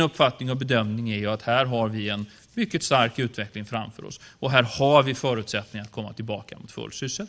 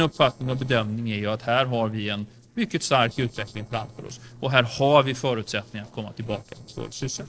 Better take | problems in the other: first | noise reduction (neural separator model SepFormer DNS4)

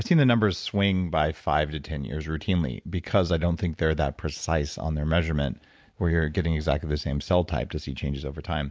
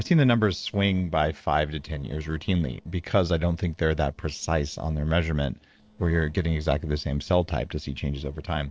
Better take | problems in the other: first | noise reduction (neural separator model SepFormer DNS4)

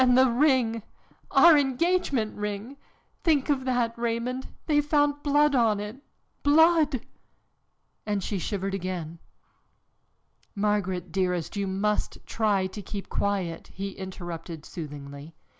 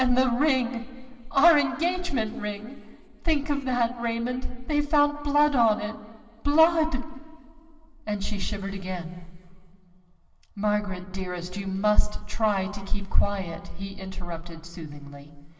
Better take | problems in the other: first | room echo; dies away in 2.5 s

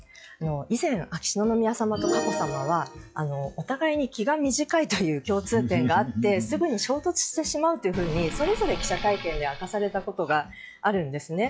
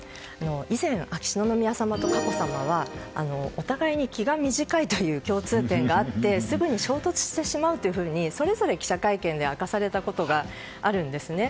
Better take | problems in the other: second | noise reduction (classical method log-MMSE)

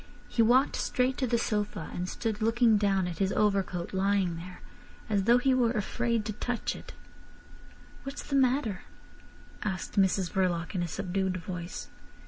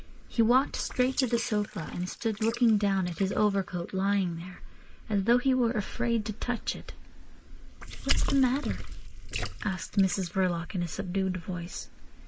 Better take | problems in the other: first | noise reduction (neural mask model Resemble Enhance denoiser)

